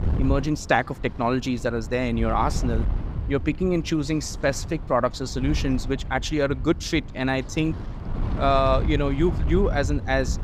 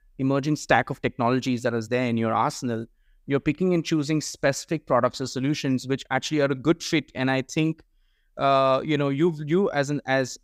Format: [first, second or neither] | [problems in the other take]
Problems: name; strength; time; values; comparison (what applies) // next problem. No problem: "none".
second | wind noise on the microphone; occasional gusts; 15 dB below the speech